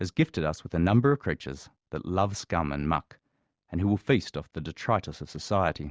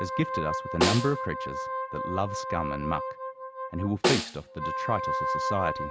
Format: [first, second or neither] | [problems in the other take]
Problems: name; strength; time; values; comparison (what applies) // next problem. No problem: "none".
first | background sound (Wind instrument, woodwind instrument + Snare drum); as loud as the speech